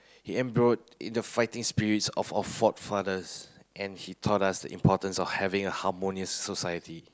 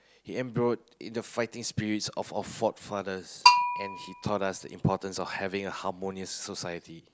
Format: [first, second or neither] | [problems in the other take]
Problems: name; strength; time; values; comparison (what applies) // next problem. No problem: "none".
first | background sound (Bell); 4 dB above the speech